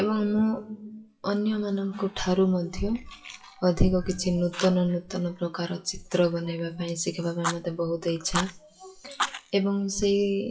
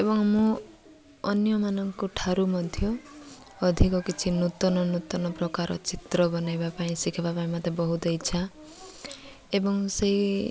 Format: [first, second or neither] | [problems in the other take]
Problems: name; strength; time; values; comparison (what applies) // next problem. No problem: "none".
second | noise reduction (classical method WPE with log-MMSE)